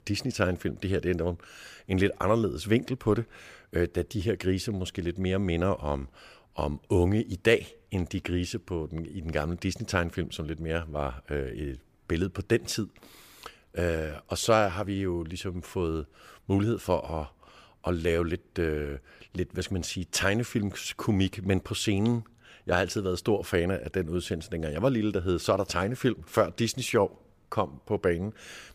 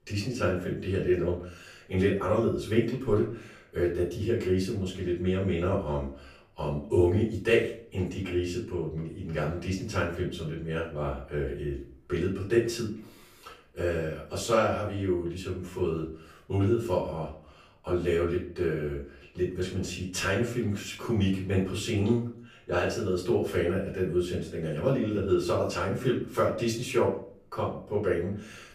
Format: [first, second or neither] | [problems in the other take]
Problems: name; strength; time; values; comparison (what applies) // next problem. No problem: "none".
first | off-mic speech; far // room echo; slight; dies away in 0.4 s